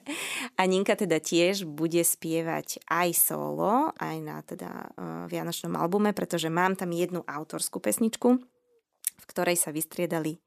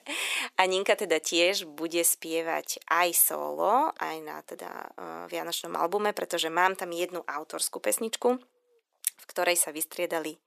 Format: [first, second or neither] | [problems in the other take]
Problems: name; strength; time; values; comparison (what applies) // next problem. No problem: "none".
first | thin; somewhat; fading below 500 Hz